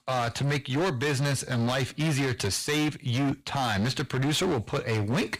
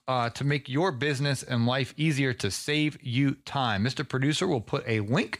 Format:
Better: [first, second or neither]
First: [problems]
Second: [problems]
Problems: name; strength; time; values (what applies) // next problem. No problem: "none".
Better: second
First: distortion; heavy; 23% of the sound clipped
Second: none